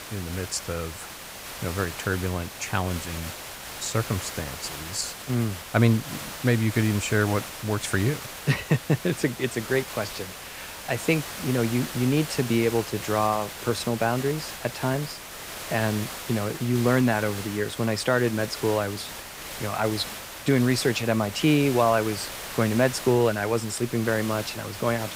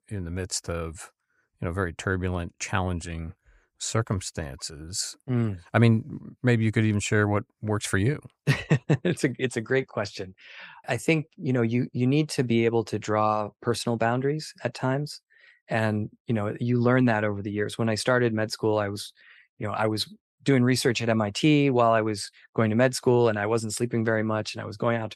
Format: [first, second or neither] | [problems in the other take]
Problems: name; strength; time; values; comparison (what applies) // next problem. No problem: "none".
second | hiss; loud; throughout; 10 dB below the speech